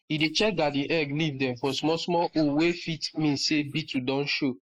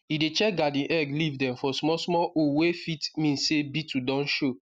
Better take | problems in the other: second | noise reduction (neural mask model Resemble Enhance denoiser)

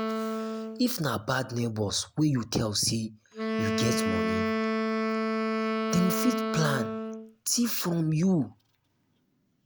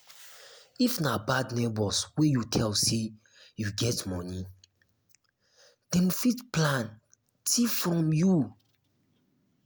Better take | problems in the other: second | background sound (Wind instrument, woodwind instrument); 2 dB below the speech

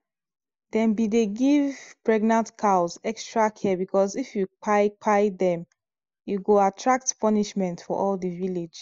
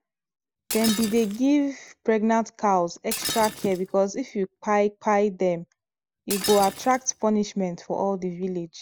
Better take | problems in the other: first | background sound (Shatter); 12 dB below the speech

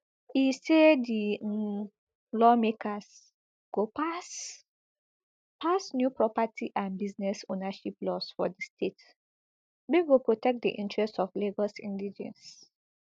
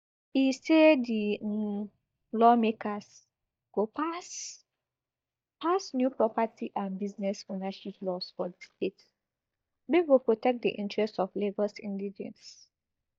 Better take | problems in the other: first | noise reduction (neural mask model DeepFilterNet 3)

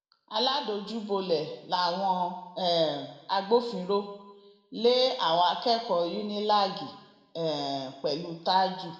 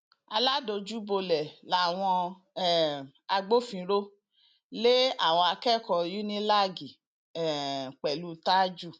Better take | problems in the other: second | room echo; dies away in 0.9 s

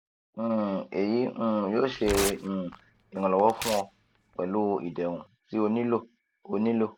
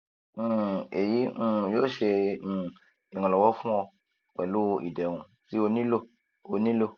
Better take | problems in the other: second | background sound (Tearing); 11 dB below the speech

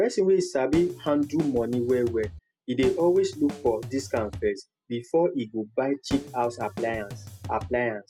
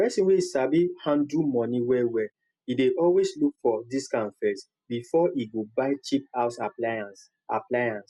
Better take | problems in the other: second | background sound (Drum kit); 13 dB below the speech

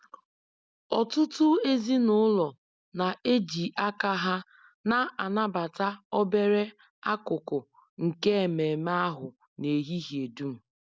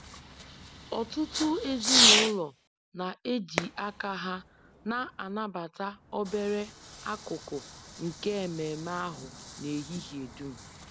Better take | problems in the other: first | background sound (Fireworks); 1 dB above the speech

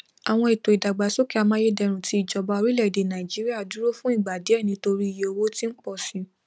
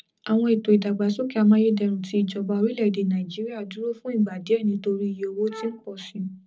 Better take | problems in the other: first | noise reduction (neural separator model SepFormer DNS4)

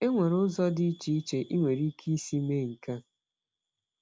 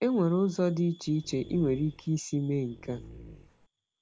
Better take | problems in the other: first | background sound (Dog); 19 dB below the speech

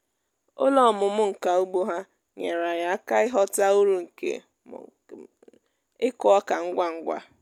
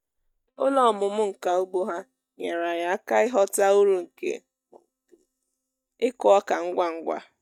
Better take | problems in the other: first | noise reduction (neural mask model DeepFilterNet 3)

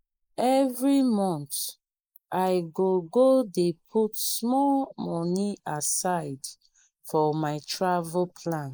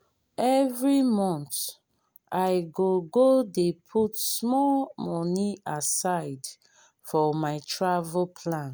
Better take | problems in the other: second | noise reduction (neural mask model Resemble Enhance denoiser)

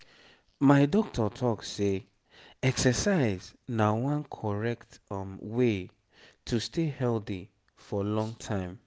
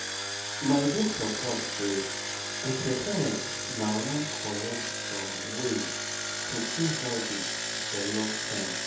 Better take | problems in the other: first | background sound (Engine); 1 dB below the speech // room echo; dies away in 0.6 s

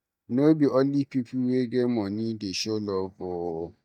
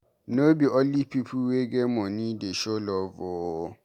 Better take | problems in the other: second | noise reduction (neural mask model DeepFilterNet 3)

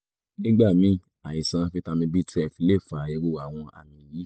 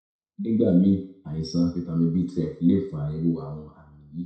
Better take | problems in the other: first | room echo; dies away in 0.6 s

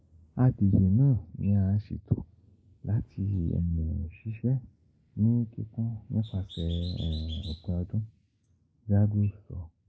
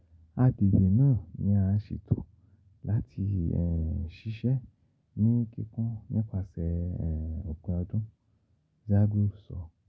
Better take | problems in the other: second | noise reduction (neural mask model Resemble Enhance denoiser)

